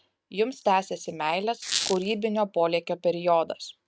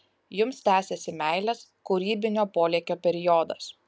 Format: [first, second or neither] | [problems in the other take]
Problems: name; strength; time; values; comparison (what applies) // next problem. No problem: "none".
second | noise reduction (neural mask model RNNoise)